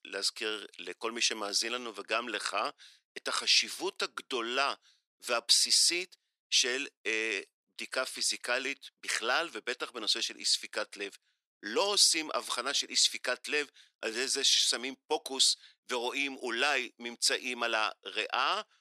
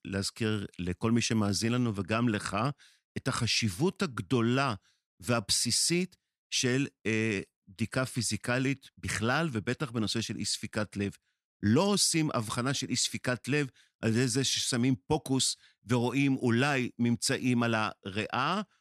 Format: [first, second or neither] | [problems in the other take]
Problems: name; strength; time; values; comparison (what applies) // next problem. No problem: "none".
second | thin; very; fading below 400 Hz